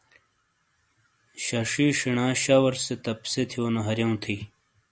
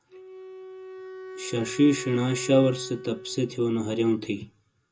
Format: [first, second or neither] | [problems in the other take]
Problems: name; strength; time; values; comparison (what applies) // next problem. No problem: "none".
first | background sound (Wind instrument, woodwind instrument); 14 dB below the speech // room echo; dies away in 0.2 s